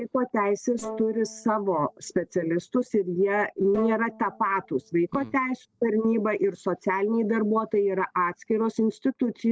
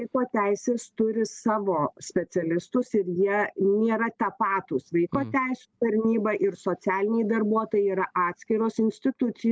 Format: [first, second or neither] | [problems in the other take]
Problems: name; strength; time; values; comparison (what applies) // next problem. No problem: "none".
second | noise reduction (neural separator model SepFormer DNS4)